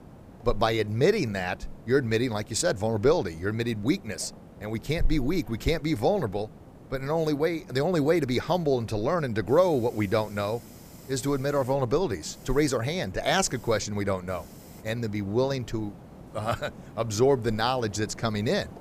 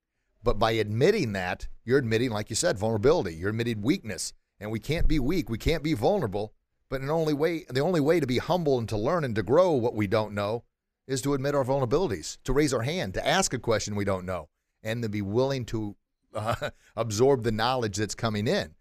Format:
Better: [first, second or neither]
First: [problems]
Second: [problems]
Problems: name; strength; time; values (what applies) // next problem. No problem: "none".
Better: second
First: hiss; faint; throughout; 20 dB below the speech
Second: none